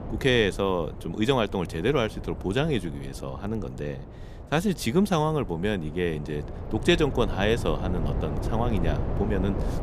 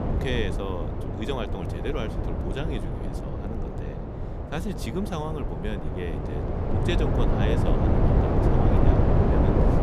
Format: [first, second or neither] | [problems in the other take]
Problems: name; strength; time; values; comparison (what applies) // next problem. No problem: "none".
first | wind noise on the microphone; heavy; 3 dB above the speech; occasional gusts in the first